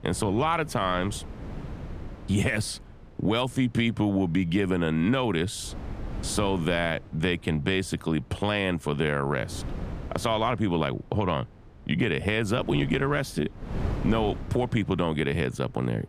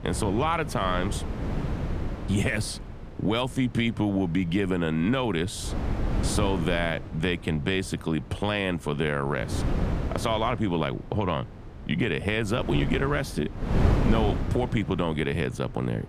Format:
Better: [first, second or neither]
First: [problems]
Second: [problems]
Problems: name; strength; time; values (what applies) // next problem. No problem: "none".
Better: first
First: wind noise on the microphone; occasional gusts; 15 dB below the speech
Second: wind noise on the microphone; heavy; 9 dB below the speech